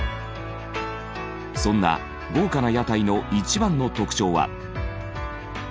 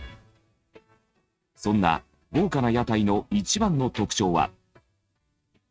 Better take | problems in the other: first | noise reduction (neural mask model RNNoise)

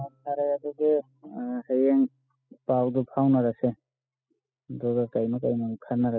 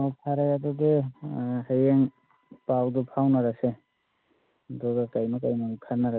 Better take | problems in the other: second | noise reduction (classical method spectral subtraction)

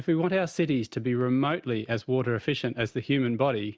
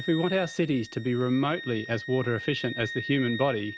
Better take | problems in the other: first | background sound (Wind instrument, woodwind instrument); 12 dB below the speech

